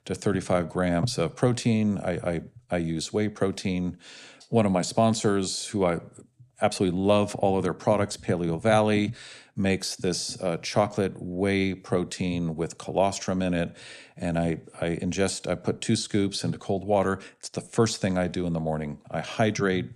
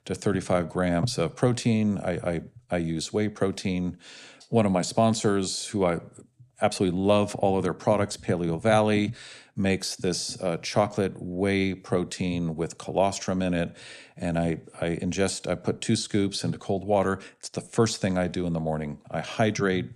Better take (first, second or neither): neither